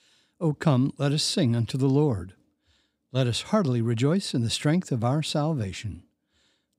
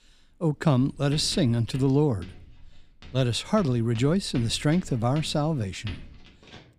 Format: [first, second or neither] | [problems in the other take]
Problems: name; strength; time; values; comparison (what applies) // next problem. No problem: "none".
first | household noises; faint; throughout; 20 dB below the speech